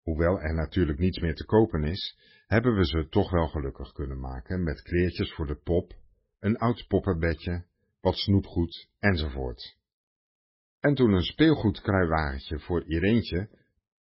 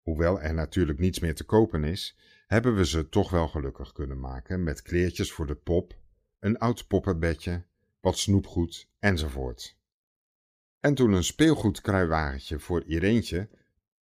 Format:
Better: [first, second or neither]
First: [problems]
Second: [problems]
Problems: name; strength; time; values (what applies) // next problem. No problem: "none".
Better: second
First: garbled, watery; badly; nothing above 5.5 kHz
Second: none